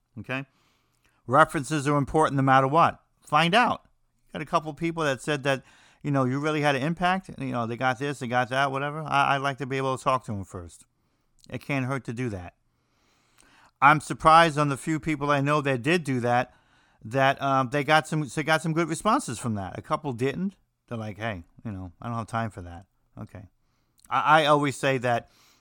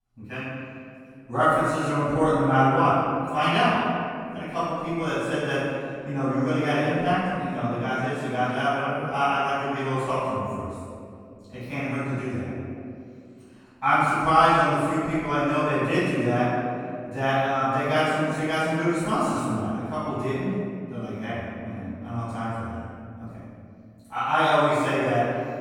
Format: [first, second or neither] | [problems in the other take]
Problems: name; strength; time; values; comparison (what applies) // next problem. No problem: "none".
first | off-mic speech; far // room echo; strong; dies away in 2.3 s